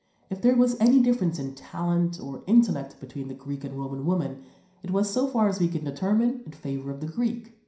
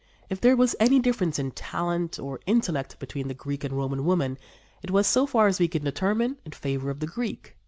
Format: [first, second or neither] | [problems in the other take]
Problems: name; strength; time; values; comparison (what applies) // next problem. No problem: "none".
second | room echo; dies away in 0.5 s